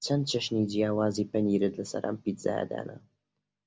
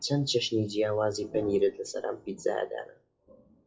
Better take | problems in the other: first | noise reduction (classical method WPE with log-MMSE)

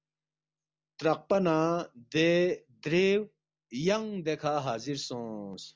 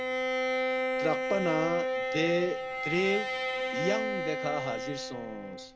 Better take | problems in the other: first | background sound (Bowed string instrument); 1 dB above the speech

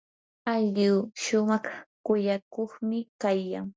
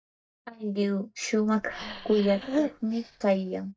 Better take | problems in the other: first | noise reduction (neural mask model DeepFilterNet 3)

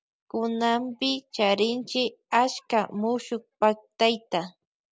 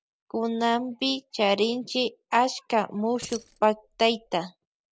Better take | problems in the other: first | background sound (Keys jangling); 19 dB below the speech

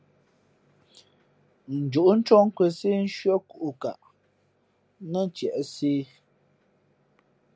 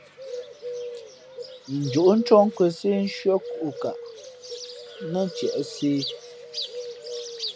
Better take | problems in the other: first | background sound (Bird); 10 dB below the speech

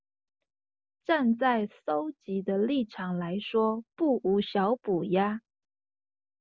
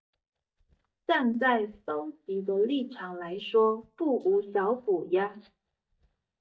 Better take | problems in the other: first | noise reduction (neural mask model DeepFilterNet 3)

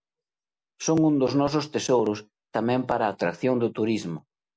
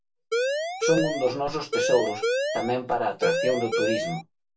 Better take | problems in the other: first | background sound (Siren); 2 dB above the speech // room echo; dies away in 0.2 s

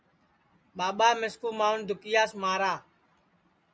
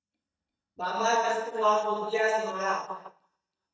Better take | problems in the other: first | noise reduction (neural mask model DeepFilterNet 3)

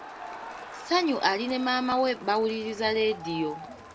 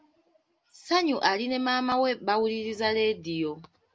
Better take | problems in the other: second | background sound (Crowd); 14 dB below the speech

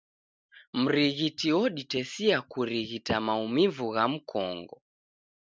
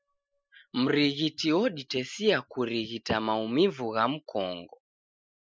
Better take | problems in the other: first | noise reduction (classical method Wiener filter)

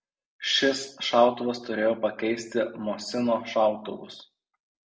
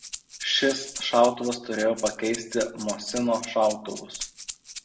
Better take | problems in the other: first | background sound (Rattle (instrument)); 13 dB below the speech

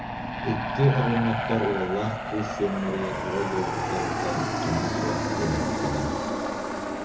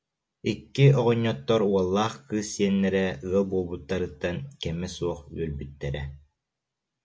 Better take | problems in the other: second | background sound (Aircraft); as loud as the speech // room echo; dies away in 0.4 s

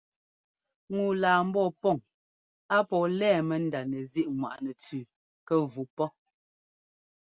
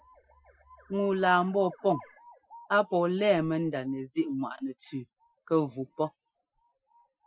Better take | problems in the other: first | noise reduction (classical method Wiener filter)

